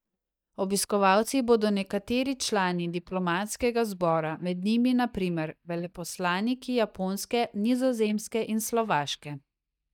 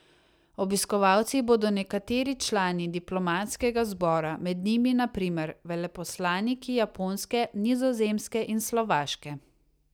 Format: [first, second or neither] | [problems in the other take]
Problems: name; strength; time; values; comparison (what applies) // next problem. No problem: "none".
second | noise reduction (neural mask model DeepFilterNet 3)